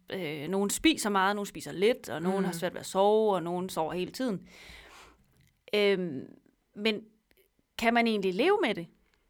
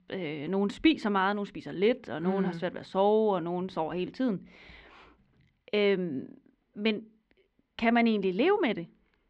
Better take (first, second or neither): first